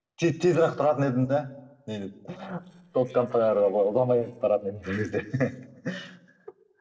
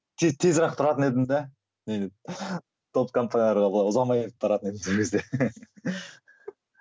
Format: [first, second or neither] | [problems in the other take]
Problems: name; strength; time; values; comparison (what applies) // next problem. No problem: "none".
second | noise reduction (neural separator model SepFormer DNS4)